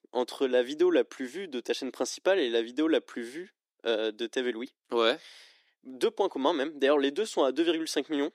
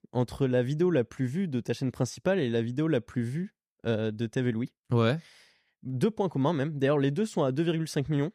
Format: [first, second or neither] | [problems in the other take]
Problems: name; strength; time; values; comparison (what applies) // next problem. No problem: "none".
second | thin; somewhat; fading below 300 Hz